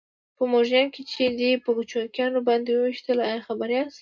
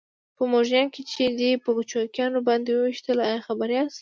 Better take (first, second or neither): second